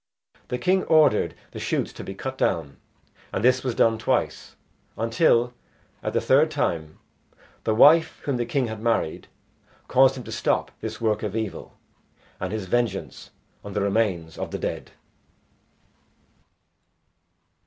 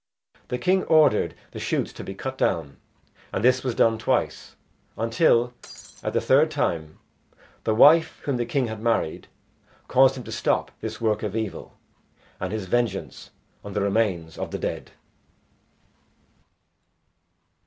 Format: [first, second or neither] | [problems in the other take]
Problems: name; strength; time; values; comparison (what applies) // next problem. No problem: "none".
first | background sound (Shatter); 17 dB below the speech